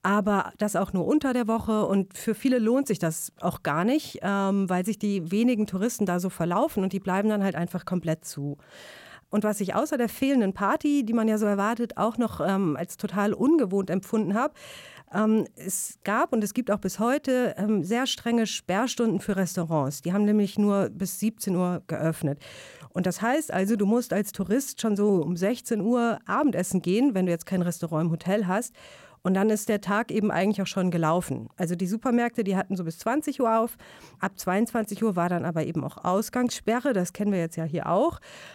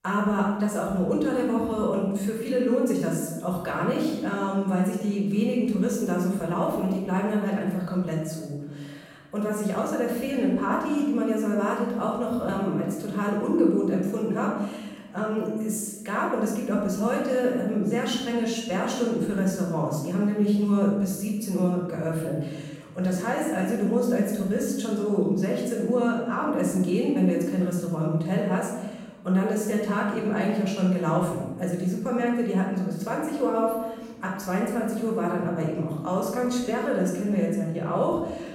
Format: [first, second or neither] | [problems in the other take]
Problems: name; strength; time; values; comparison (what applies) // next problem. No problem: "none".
first | off-mic speech; far // room echo; noticeable; dies away in 1 s